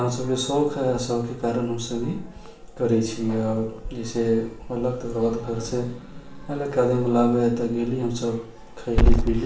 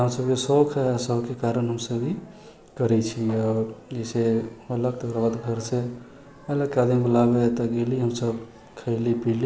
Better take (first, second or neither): second